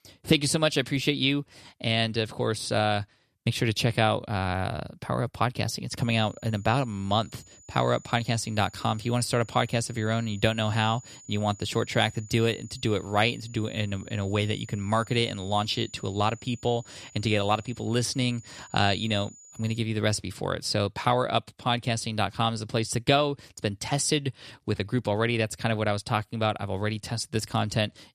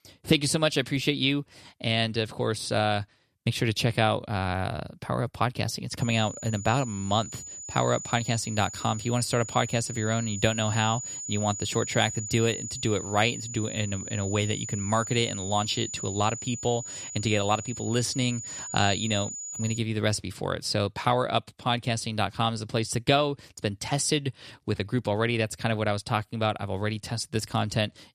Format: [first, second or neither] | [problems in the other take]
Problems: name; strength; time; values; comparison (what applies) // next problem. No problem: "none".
first | high-pitched whine; loud; from 6 to 20 s; 7 kHz, 8 dB below the speech; faint in the first